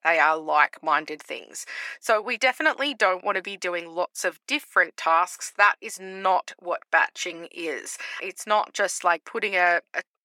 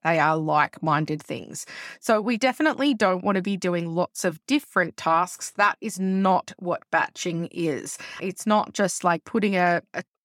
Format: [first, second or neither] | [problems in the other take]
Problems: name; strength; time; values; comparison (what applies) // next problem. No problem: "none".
second | thin; very; fading below 450 Hz